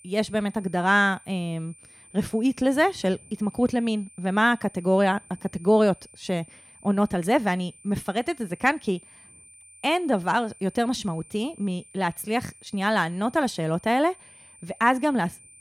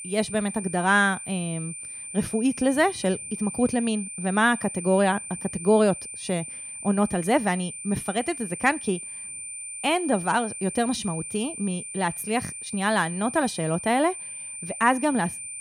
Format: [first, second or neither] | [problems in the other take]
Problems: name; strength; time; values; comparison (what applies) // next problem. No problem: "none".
first | high-pitched whine; loud; throughout; 9 kHz, 9 dB below the speech; faint in the first